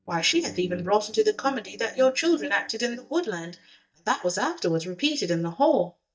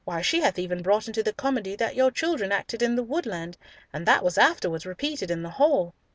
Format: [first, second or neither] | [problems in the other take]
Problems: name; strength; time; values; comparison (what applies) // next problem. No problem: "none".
second | noise reduction (neural mask model DeepFilterNet 3)